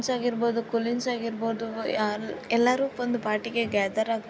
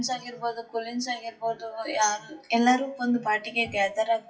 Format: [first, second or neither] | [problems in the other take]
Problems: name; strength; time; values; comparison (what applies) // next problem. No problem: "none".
first | noise reduction (classical method WPE with log-MMSE)